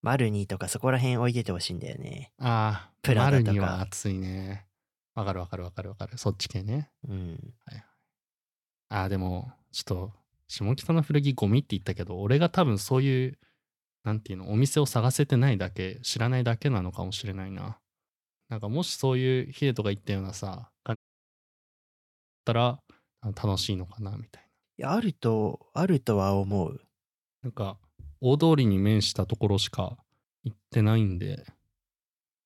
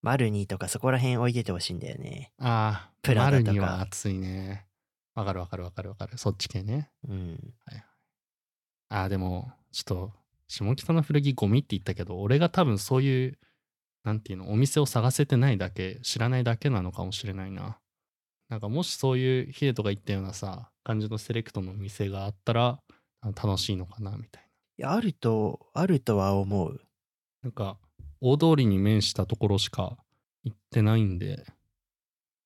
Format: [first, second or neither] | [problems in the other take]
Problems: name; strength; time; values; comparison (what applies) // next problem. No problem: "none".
second | audio cutting out; at 21 s for 1.5 s